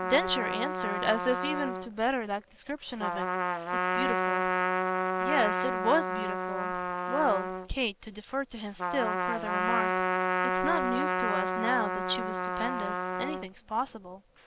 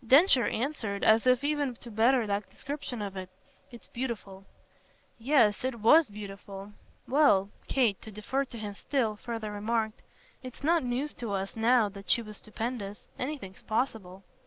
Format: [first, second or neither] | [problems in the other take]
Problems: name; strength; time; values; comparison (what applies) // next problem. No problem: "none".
second | background sound (Trumpet); 2 dB above the speech